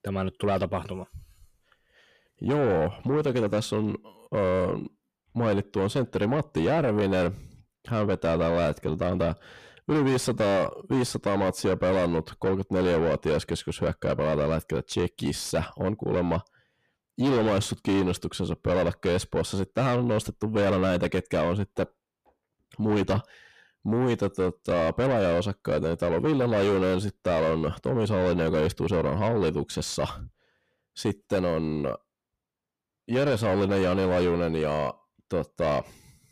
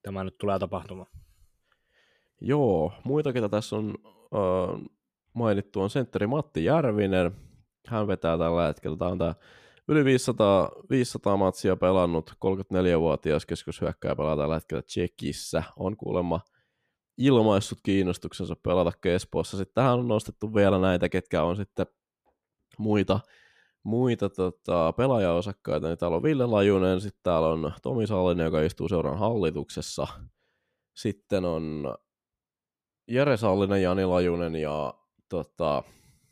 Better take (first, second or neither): second